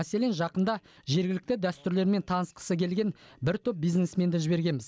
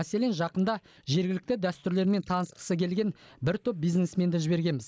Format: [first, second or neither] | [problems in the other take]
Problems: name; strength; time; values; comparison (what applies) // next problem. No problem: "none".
first | noise reduction (neural mask model Resemble Enhance denoiser)